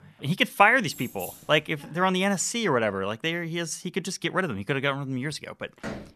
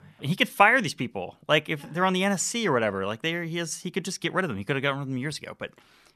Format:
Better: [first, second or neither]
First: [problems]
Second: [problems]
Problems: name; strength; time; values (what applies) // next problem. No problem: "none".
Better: second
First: jangling keys; faint; at 1 s; peak 15 dB below the speech // door banging; faint; at 6 s; peak 10 dB below the speech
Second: none